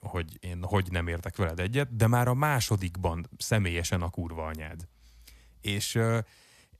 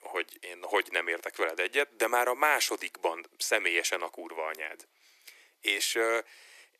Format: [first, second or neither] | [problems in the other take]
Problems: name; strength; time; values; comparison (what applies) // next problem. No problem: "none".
first | thin; very; fading below 350 Hz